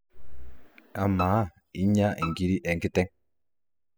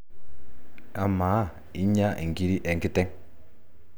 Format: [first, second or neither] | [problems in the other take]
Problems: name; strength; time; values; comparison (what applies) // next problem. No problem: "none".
second | noise reduction (classical method spectral subtraction)